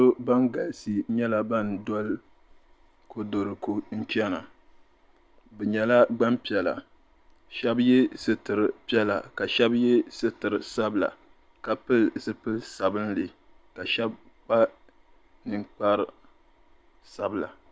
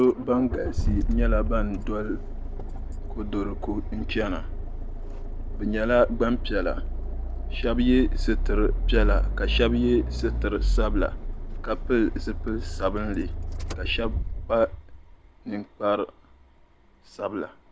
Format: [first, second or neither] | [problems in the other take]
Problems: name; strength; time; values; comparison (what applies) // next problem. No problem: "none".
first | background sound (Accelerating, revving, vroom); as loud as the speech